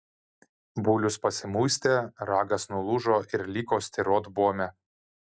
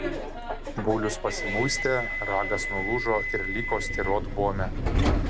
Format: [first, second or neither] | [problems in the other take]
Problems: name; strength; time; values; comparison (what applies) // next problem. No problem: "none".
first | background sound (Subway, metro, underground); 1 dB above the speech